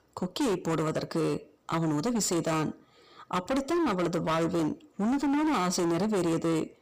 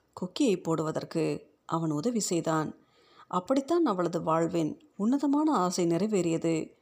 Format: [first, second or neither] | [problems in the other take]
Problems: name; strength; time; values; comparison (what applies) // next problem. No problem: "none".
second | distortion; heavy; 27% of the sound clipped